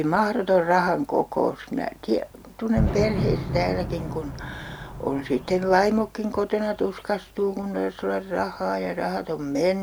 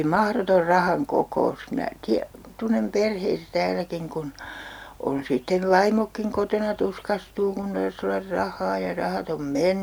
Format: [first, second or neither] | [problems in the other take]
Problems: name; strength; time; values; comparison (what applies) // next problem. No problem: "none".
second | background sound (Fireworks); 5 dB below the speech